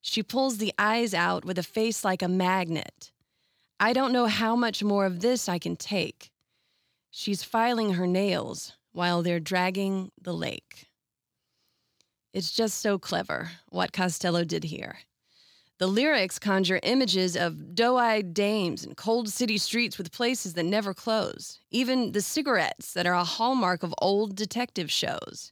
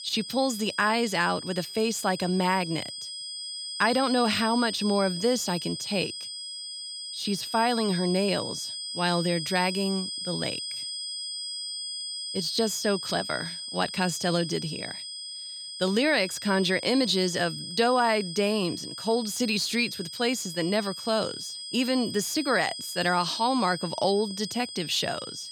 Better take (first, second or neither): first